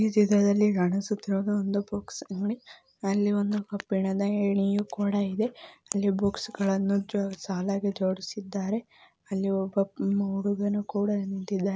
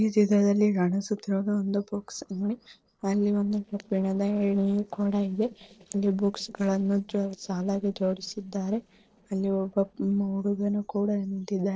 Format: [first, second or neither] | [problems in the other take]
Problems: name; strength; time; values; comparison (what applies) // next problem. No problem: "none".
first | noise reduction (neural separator model SepFormer DNS4)